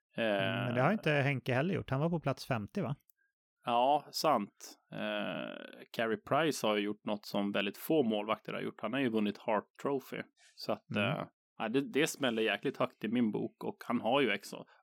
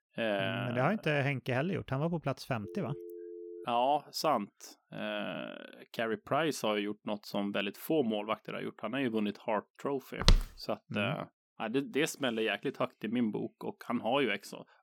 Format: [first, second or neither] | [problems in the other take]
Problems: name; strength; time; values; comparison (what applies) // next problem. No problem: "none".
first | phone ringing; faint; from 2.5 to 3.5 s; peak 10 dB below the speech // footsteps; loud; at 10 s; peak 5 dB above the speech